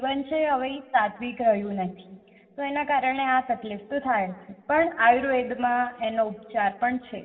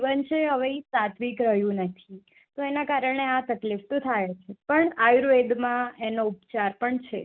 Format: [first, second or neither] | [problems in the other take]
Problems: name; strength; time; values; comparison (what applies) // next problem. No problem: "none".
second | room echo; dies away in 2.4 s